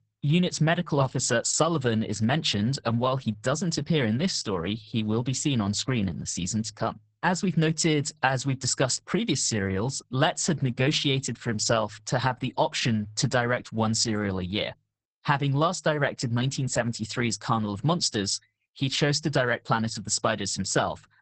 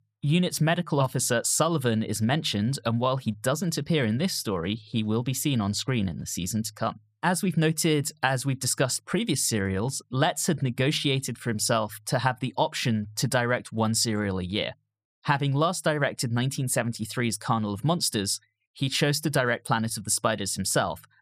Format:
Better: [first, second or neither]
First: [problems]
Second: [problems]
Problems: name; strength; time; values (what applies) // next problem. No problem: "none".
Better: second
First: garbled, watery; badly; nothing above 8 kHz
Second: none